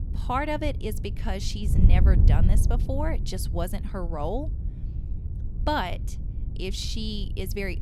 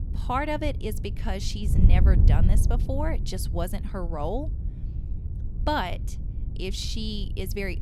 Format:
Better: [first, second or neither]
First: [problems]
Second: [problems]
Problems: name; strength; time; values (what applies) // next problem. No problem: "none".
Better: neither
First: wind noise on the microphone; occasional gusts; 10 dB below the speech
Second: wind noise on the microphone; occasional gusts; 10 dB below the speech